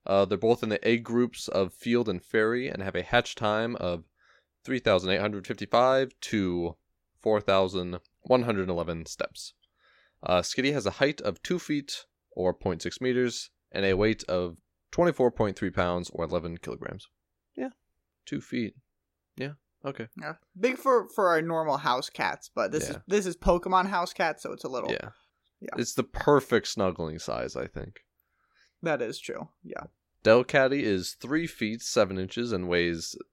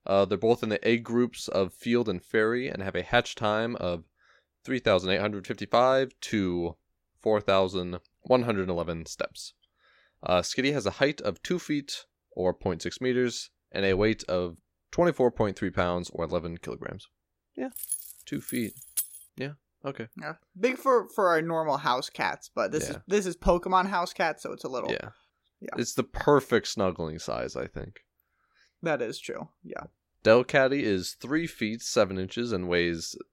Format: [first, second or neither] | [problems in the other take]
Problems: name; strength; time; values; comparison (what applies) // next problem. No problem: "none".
first | jangling keys; noticeable; from 18 to 19 s; peak 4 dB below the speech